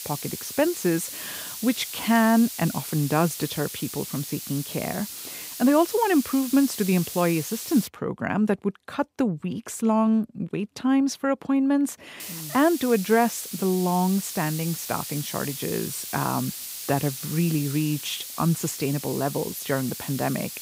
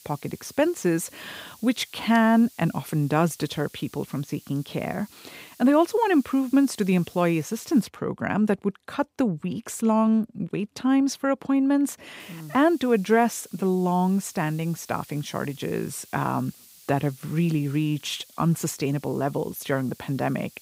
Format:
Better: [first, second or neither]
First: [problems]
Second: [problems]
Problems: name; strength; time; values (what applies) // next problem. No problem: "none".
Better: second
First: hiss; loud; until 8 s and from 12 s on; 8 dB below the speech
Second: hiss; faint; until 8 s and from 12 s on; 25 dB below the speech